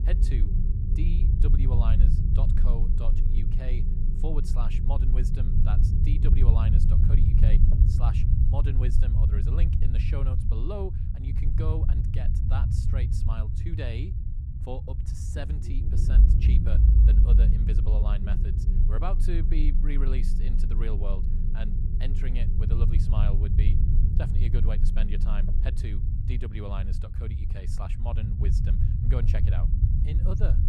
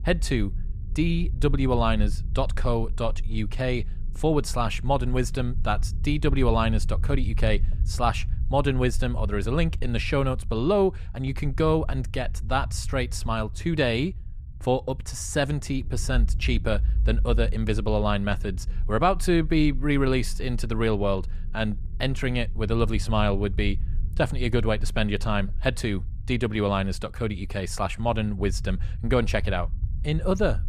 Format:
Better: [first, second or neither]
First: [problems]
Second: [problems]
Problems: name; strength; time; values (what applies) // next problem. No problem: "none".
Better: second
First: low rumble; loud; throughout; as loud as the speech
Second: low rumble; faint; throughout; 20 dB below the speech